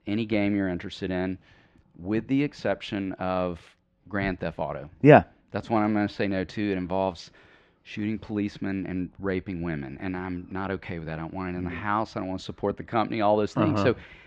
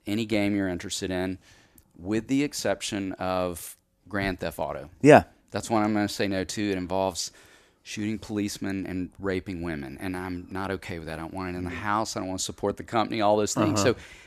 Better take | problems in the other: second | muffled; slightly; fading above 3.5 kHz

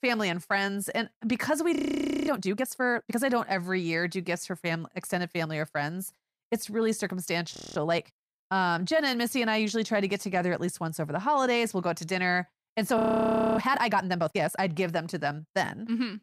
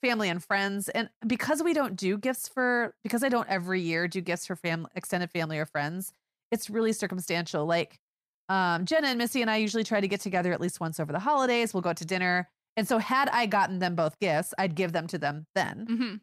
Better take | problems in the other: second | audio freezing; at 2 s for 0.5 s, at 7.5 s and at 13 s for 0.5 s

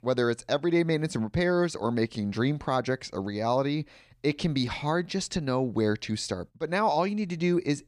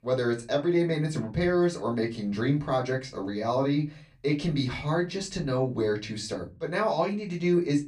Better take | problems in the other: first | off-mic speech; far // room echo; very slight; dies away in 0.2 s

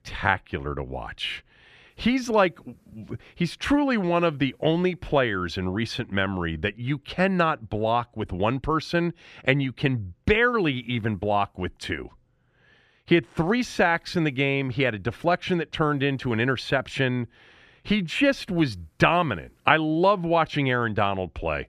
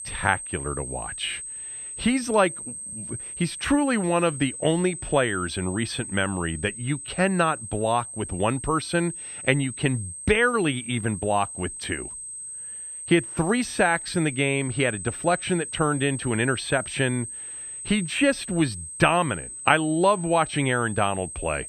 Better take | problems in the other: first | high-pitched whine; loud; throughout; 8.5 kHz, 9 dB below the speech

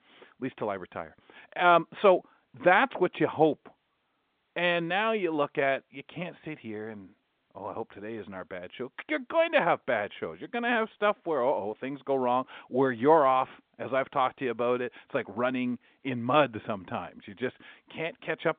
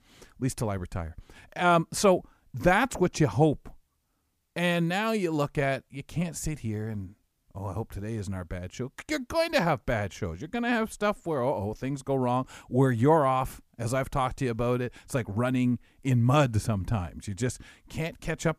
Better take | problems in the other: second | phone-call audio; nothing above 3.5 kHz

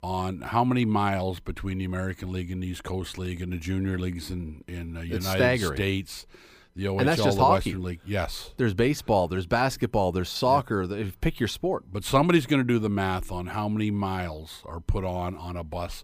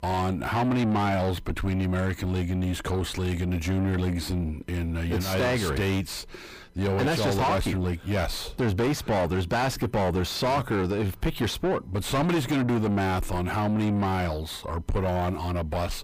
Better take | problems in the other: first | distortion; heavy; 6 dB below the speech

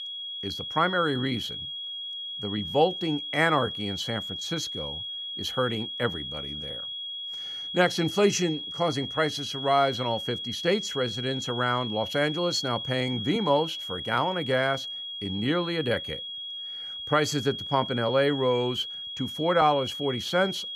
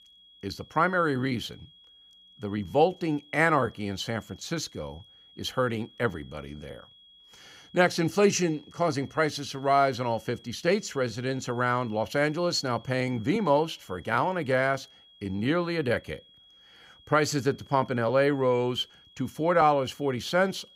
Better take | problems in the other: second | high-pitched whine; loud; throughout; 3.5 kHz, 6 dB below the speech; faint in the second

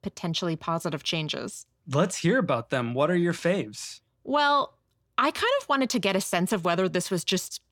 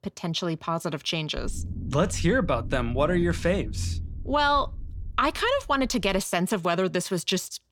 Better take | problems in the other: first | low rumble; faint; from 1.5 to 6 s; 25 dB below the speech

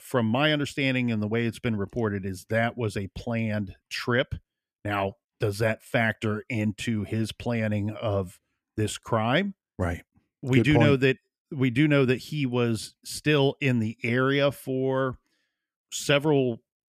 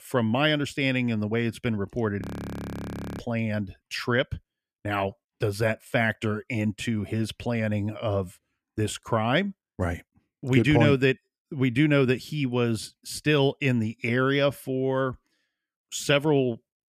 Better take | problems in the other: first | audio freezing; at 2 s for 1 s

